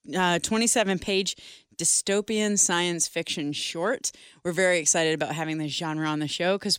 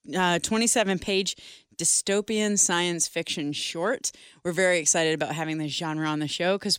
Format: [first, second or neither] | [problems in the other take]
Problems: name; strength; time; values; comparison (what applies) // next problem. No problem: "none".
neither | none